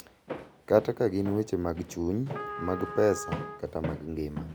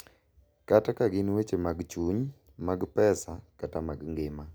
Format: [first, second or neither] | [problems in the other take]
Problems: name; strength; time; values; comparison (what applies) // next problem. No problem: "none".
second | background sound (Walk, footsteps + Trumpet); 10 dB below the speech